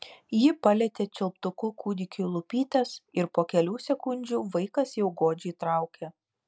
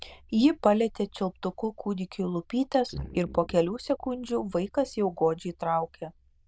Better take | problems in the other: first | noise reduction (neural diffusion model UNIVERSE++)

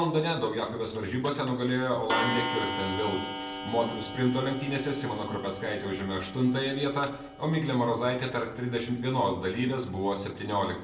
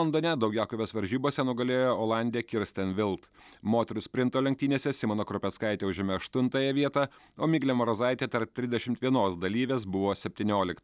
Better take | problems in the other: second | background sound (Clock); 9 dB below the speech // room echo; dies away in 0.6 s

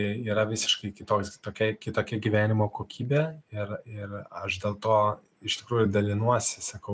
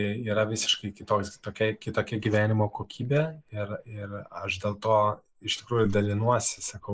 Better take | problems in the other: first | noise reduction (neural mask model Resemble Enhance denoiser)

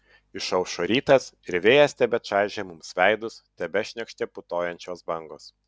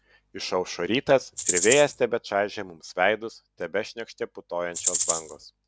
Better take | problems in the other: first | background sound (Rattle (instrument)); as loud as the speech

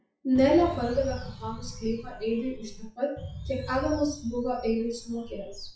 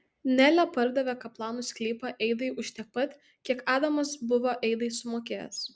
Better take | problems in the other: second | noise reduction (classical method WPE with log-MMSE)

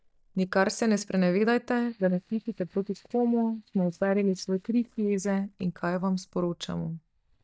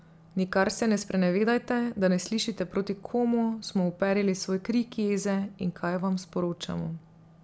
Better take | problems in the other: second | noise reduction (neural mask model DeepFilterNet 3)

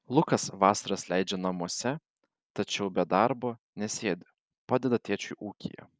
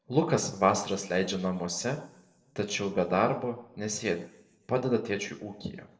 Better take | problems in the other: first | room echo; dies away in 0.6 s

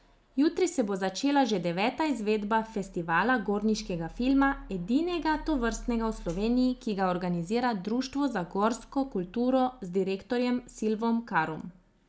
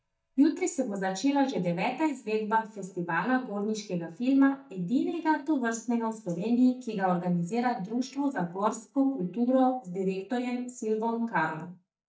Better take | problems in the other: first | noise reduction (neural mask model DeepFilterNet 3)

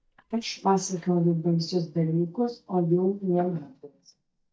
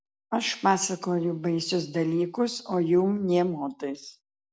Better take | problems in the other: second | noise reduction (neural mask model DeepFilterNet 3)

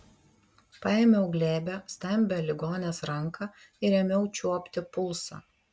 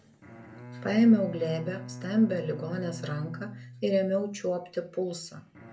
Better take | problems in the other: first | background sound (Bowed string instrument); 15 dB below the speech // room echo; dies away in 0.3 s

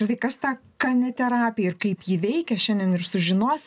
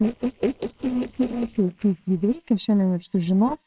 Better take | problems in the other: first | noise reduction (neural separator model SepFormer WHAMR!)

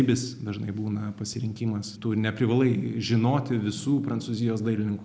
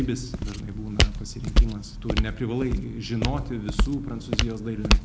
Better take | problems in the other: first | background sound (Walk, footsteps); 5 dB above the speech

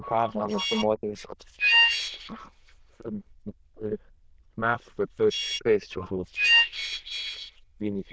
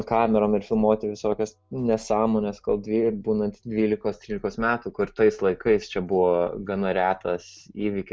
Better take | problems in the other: second | noise reduction (neural diffusion model UNIVERSE++)

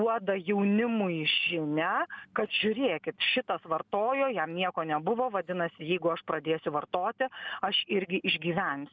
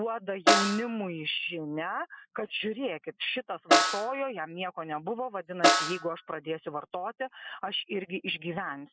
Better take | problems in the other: first | noise reduction (classical method Wiener filter)

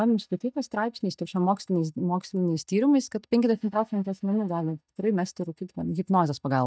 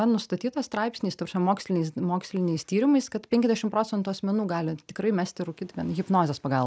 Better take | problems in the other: second | noise reduction (neural mask model DeepFilterNet 3)

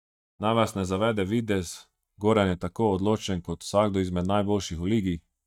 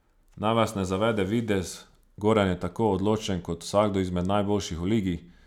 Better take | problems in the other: second | noise reduction (neural mask model DeepFilterNet 3)

